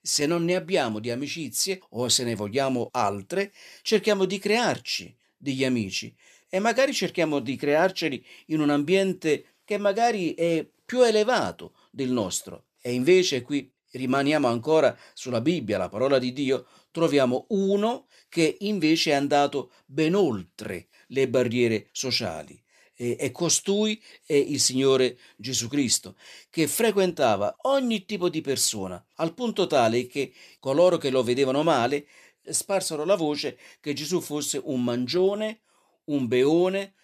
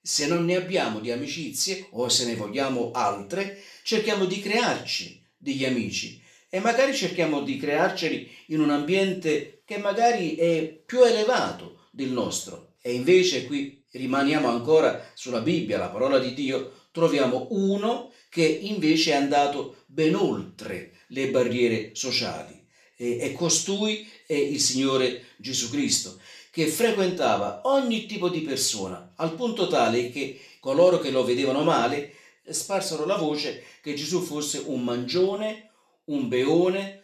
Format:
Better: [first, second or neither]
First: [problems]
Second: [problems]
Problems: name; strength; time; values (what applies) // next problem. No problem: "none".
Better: first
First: none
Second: room echo; slight; dies away in 0.4 s // off-mic speech; somewhat distant